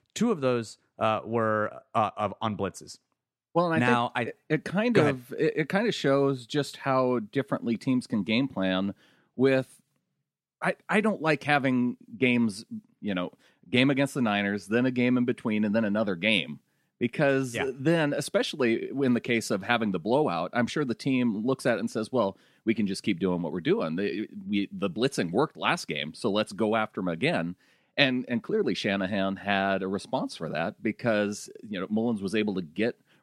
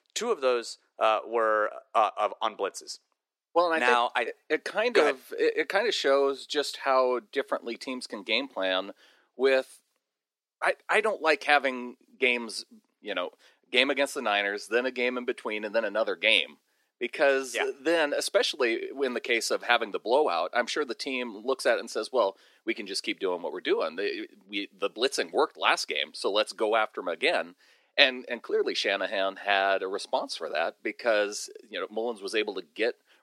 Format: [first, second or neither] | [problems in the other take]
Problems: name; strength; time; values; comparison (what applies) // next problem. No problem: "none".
first | thin; very; fading below 400 Hz